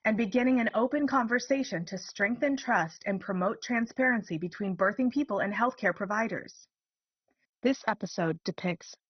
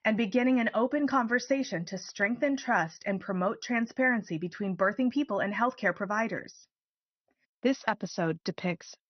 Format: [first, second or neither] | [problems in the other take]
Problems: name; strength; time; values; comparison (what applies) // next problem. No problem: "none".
second | garbled, watery; badly; nothing above 6 kHz; slightly in the second